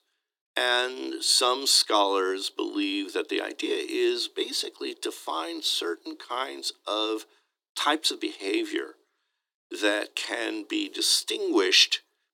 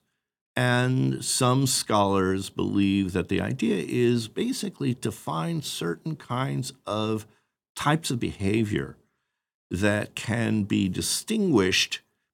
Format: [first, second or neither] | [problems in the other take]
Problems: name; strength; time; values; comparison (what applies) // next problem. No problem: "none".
second | thin; somewhat; fading below 300 Hz